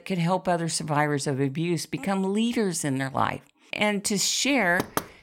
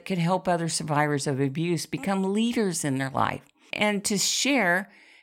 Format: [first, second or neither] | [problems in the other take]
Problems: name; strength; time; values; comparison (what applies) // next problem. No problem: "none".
second | door banging; noticeable; at 5 s; peak 6 dB below the speech